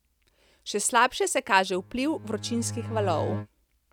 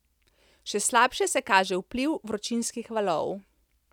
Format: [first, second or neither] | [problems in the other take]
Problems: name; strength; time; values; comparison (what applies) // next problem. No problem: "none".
second | background sound (Bowed string instrument); 7 dB below the speech